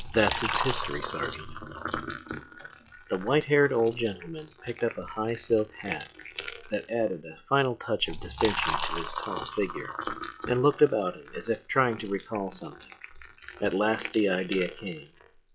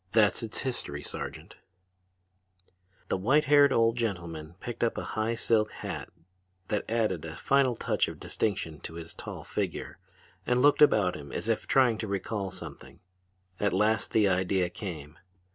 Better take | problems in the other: second | noise reduction (classical method log-MMSE)

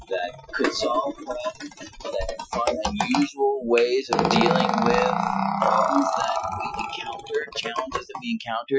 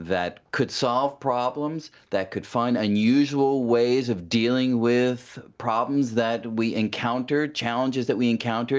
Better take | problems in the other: second | noise reduction (classical method Wiener filter)

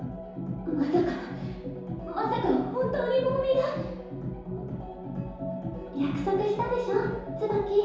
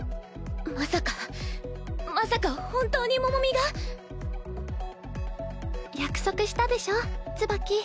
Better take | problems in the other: second | room echo; dies away in 0.8 s

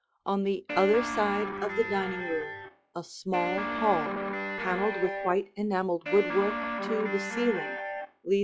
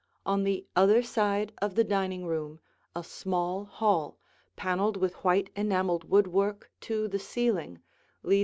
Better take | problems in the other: second | noise reduction (classical method log-MMSE)

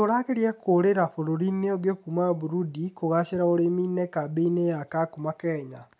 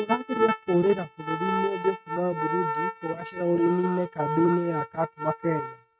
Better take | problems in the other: first | noise reduction (neural mask model RNNoise)

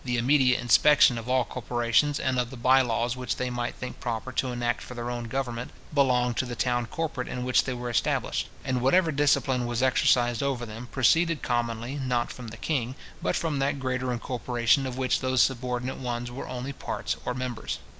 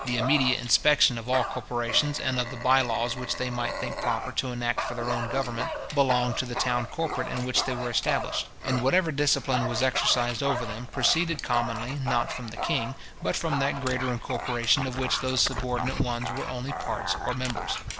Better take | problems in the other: first | background sound (Dog); 6 dB below the speech

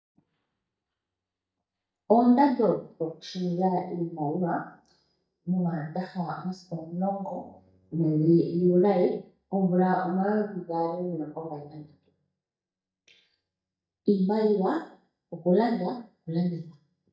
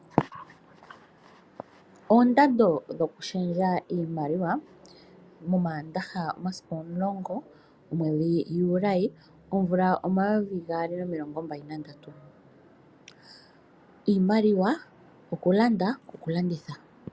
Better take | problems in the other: second | noise reduction (neural mask model DeepFilterNet 3)

